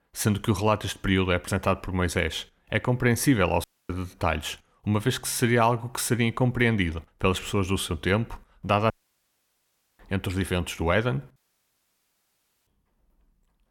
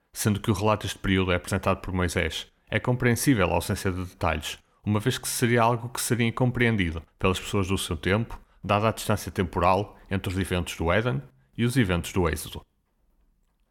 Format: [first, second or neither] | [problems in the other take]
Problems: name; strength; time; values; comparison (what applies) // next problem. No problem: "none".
second | audio cutting out; at 3.5 s, at 9 s for 1 s and at 11 s for 1.5 s